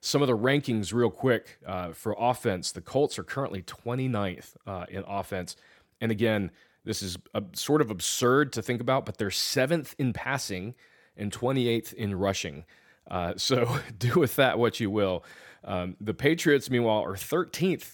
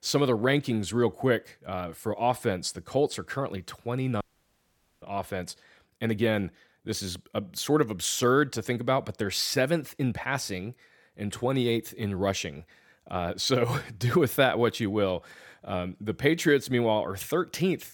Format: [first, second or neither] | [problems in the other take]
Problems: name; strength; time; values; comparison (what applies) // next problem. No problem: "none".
first | audio cutting out; at 4 s for 1 s